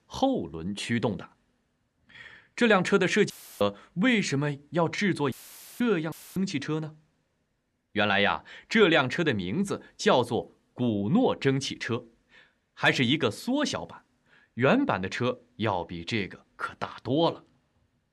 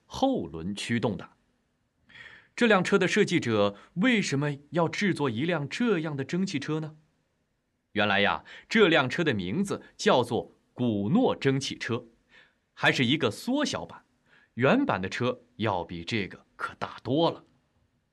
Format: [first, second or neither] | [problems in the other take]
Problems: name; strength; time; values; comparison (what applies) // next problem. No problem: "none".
second | audio cutting out; filled with static; at 3.5 s, at 5.5 s and at 6 s